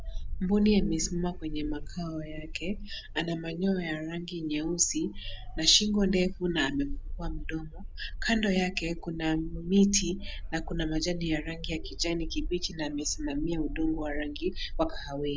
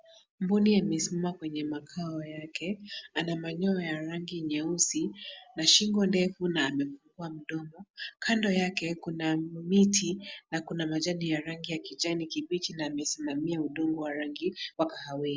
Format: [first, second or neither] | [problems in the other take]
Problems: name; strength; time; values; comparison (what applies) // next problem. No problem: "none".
second | background sound (Bark); 6 dB below the speech